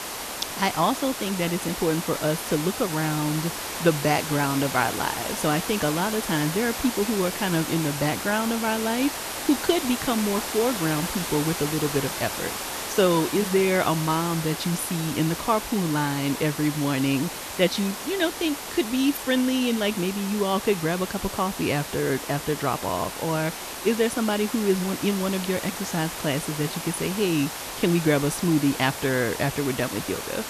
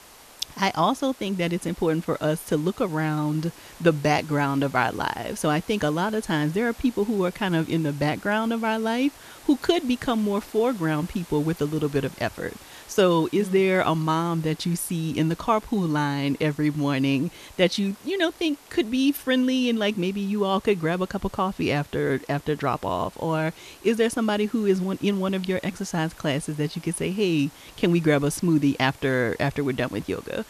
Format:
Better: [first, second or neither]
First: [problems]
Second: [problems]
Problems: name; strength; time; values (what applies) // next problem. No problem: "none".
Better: second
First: hiss; loud; throughout; 6 dB below the speech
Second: hiss; faint; throughout; 20 dB below the speech